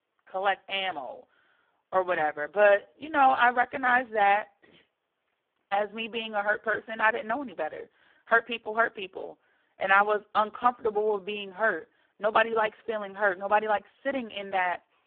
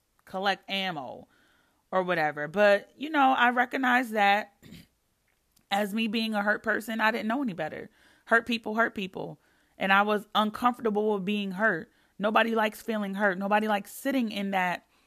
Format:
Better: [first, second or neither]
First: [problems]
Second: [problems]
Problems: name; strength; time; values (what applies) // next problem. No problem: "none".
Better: second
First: phone-call audio; poor line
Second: none